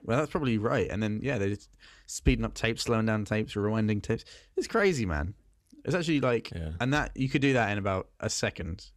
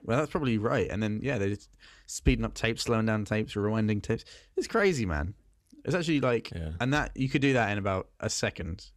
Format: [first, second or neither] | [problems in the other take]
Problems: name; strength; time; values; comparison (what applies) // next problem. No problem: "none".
neither | none